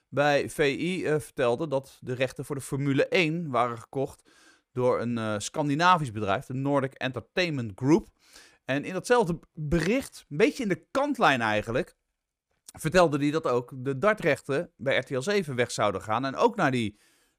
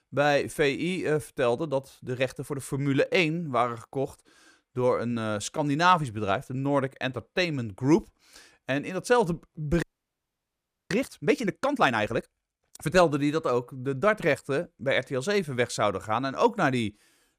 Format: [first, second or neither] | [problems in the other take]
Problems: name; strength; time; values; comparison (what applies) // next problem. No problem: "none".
first | audio freezing; at 10 s for 1 s